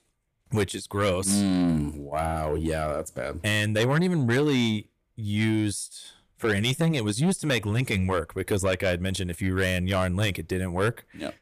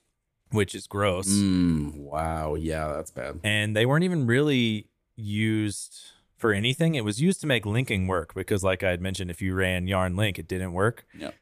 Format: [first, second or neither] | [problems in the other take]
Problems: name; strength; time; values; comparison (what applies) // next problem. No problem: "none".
second | distortion; slight; 10 dB below the speech